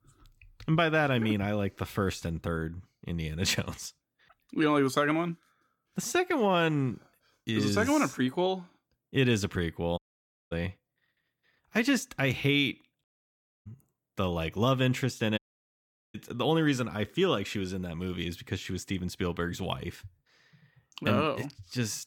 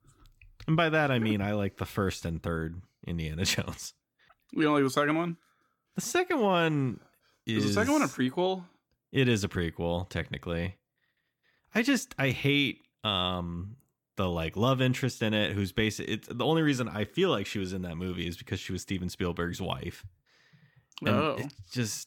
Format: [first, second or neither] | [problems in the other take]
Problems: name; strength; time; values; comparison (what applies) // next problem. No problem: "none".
second | audio cutting out; at 10 s for 0.5 s, at 13 s for 0.5 s and at 15 s for 1 s